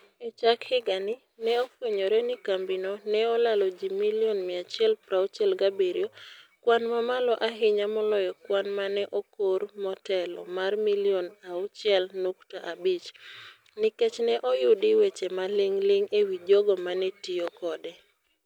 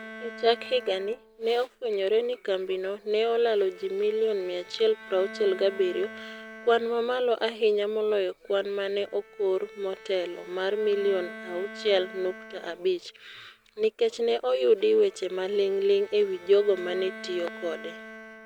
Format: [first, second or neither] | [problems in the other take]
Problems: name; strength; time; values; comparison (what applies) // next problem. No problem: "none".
first | background sound (Bowed string instrument); 18 dB below the speech